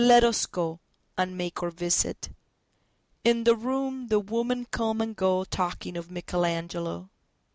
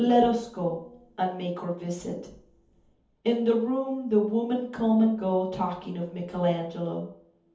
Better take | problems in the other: first | room echo; dies away in 0.6 s

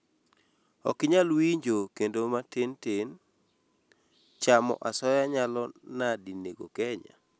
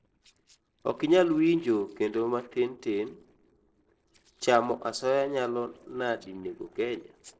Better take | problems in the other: first | noise reduction (neural separator model SepFormer DNS4)

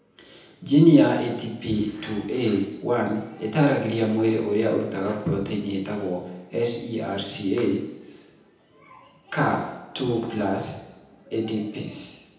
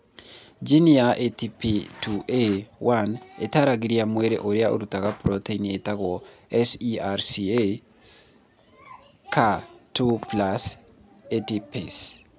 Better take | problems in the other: second | room echo; dies away in 0.9 s

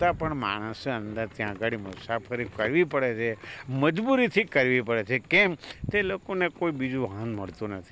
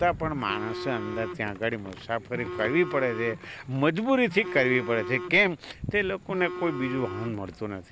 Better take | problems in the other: first | background sound (Telephone); 11 dB below the speech

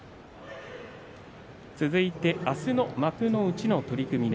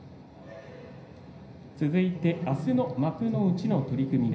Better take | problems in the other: first | room echo; dies away in 0.5 s

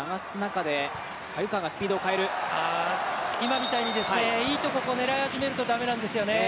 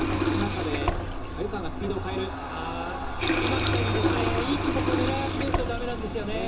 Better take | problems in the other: first | background sound (Water tap, faucet); 4 dB above the speech // room echo; dies away in 0.2 s

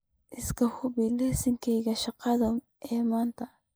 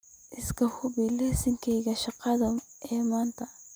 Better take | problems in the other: second | noise reduction (neural mask model Resemble Enhance denoiser)

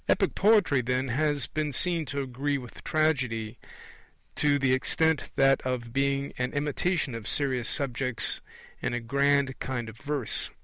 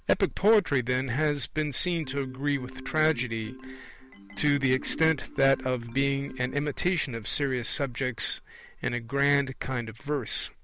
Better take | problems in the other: first | background sound (Marimba, xylophone); 18 dB below the speech

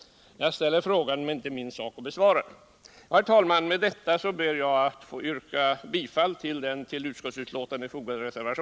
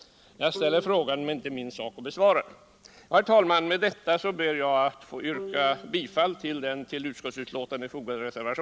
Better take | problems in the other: first | background sound (Bowed string instrument); 19 dB below the speech

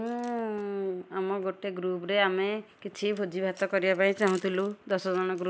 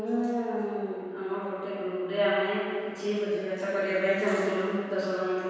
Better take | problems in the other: first | room echo; dies away in 1.9 s

